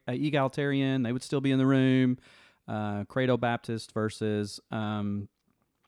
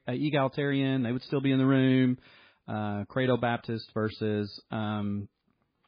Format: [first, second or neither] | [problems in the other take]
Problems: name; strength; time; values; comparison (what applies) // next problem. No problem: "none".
first | garbled, watery; badly